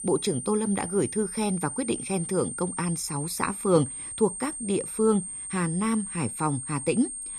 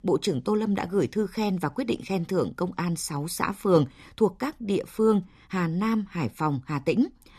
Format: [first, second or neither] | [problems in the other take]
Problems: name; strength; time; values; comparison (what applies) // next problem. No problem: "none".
second | high-pitched whine; loud; throughout; 8.5 kHz, 6 dB below the speech